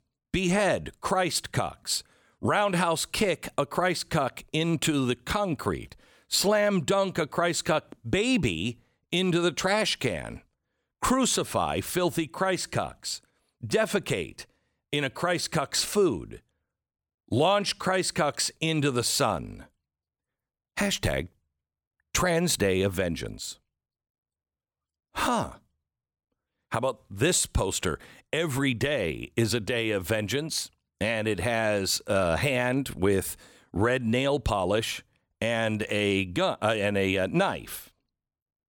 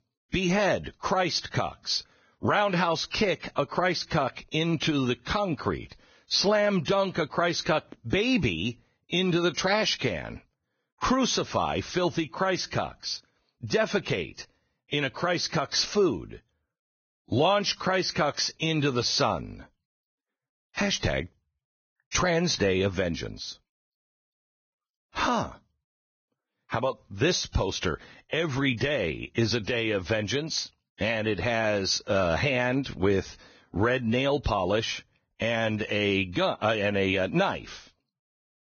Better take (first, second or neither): first